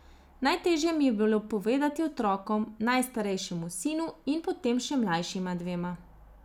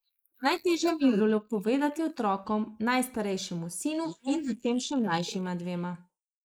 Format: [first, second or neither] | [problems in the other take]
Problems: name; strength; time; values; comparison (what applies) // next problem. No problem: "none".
first | noise reduction (neural mask model Resemble Enhance denoiser)